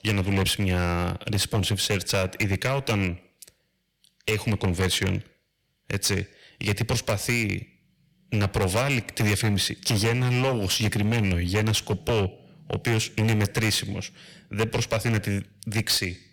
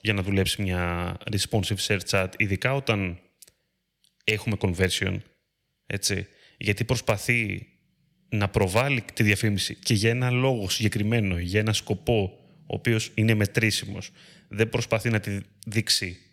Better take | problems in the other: second | distortion; heavy; 12% of the sound clipped

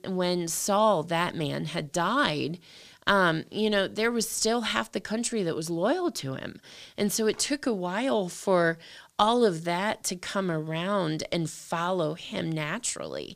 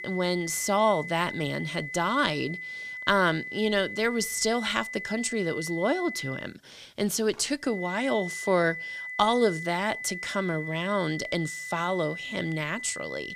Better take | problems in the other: first | high-pitched whine; loud; until 6.5 s and from 7.5 s on; 2 kHz, 8 dB below the speech

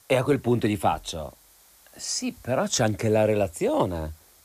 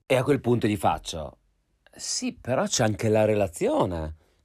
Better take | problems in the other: second | hiss; faint; throughout; 30 dB below the speech

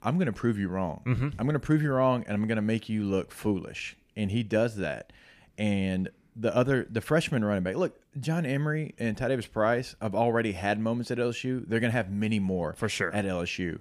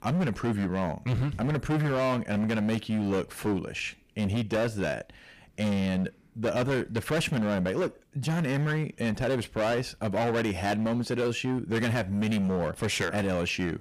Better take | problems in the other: first | distortion; heavy; 20% of the sound clipped

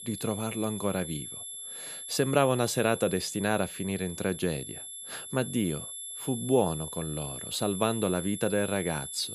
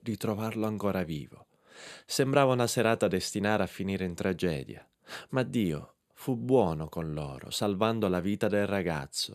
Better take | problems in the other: second | high-pitched whine; loud; throughout; 11 kHz, 8 dB below the speech

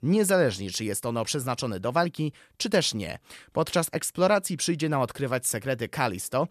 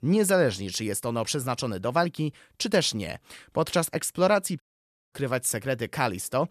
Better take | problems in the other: first | audio cutting out; at 4.5 s for 0.5 s

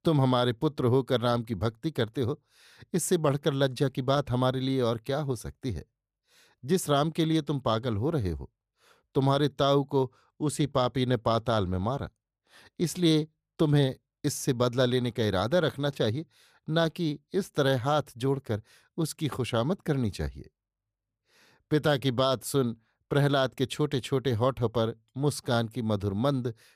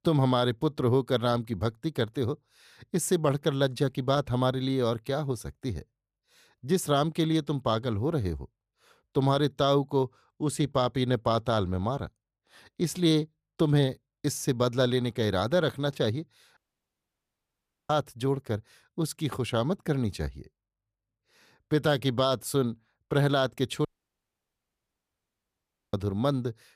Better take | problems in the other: first | audio cutting out; at 17 s for 1.5 s and at 24 s for 2 s

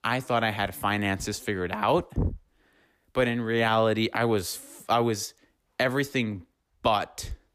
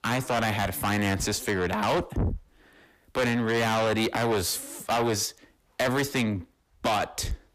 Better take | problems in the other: first | distortion; heavy; 6 dB below the speech

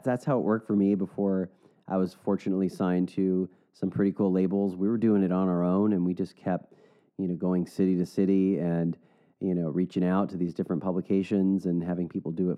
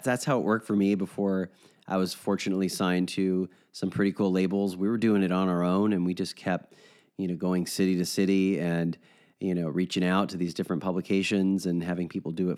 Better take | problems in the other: second | muffled; very; fading above 1.5 kHz

